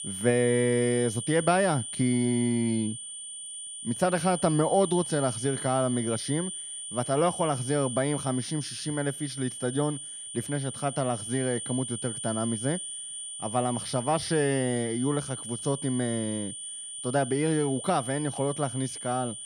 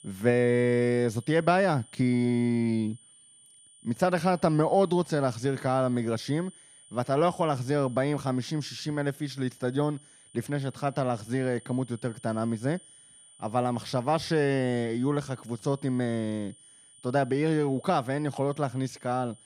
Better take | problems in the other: second | high-pitched whine; loud; throughout; 9 kHz, 7 dB below the speech; faint in the second

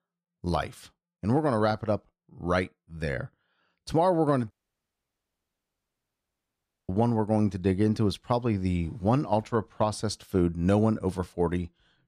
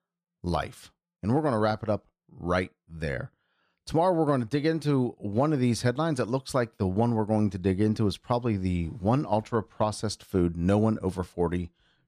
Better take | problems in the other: second | audio cutting out; at 4.5 s for 2.5 s

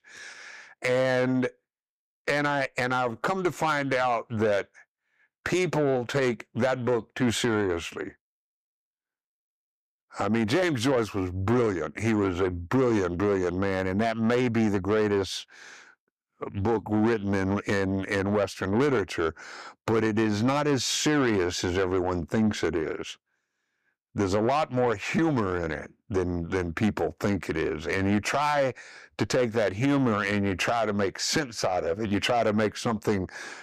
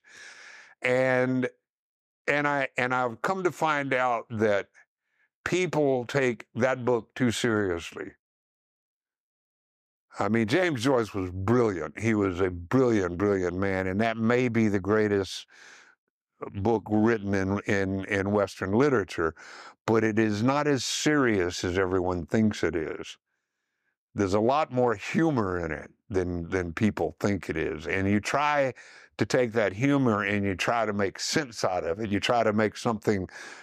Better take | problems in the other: second | distortion; slight; 10 dB below the speech

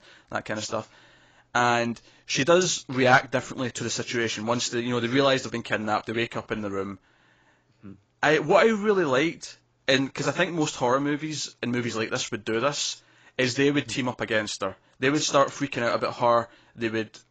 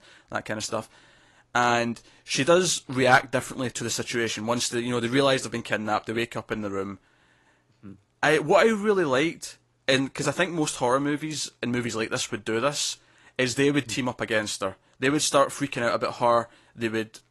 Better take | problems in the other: second | garbled, watery; badly; nothing above 7.5 kHz; slightly in the second

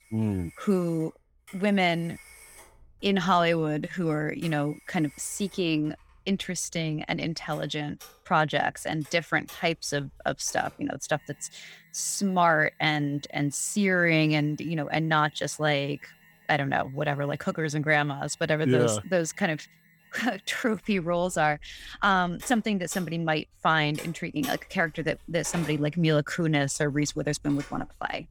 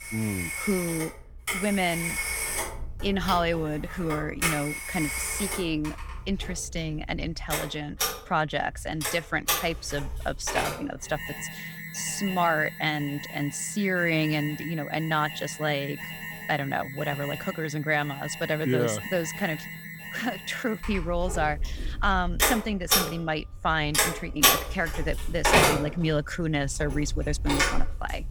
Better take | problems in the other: first | alarms or sirens; loud; throughout; 1 dB below the speech; faint in the first

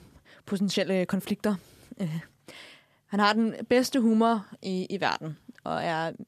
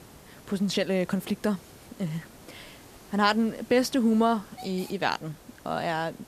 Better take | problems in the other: first | hiss; faint; throughout; 20 dB below the speech

